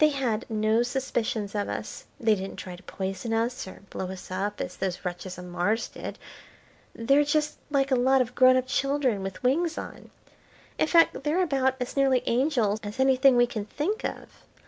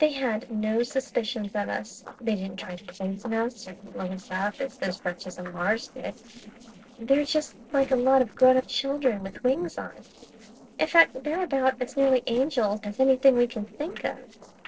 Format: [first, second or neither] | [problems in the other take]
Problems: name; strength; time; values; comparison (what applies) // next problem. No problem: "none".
first | noise reduction (neural separator model SepFormer DNS4)